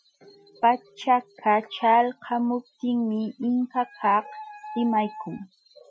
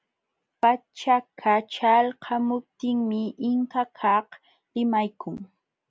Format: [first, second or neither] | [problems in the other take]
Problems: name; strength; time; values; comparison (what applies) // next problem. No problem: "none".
second | noise reduction (classical method Wiener filter)